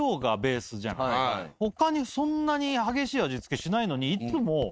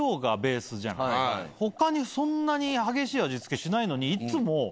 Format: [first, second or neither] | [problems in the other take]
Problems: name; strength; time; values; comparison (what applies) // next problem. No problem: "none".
second | noise reduction (neural mask model RNNoise)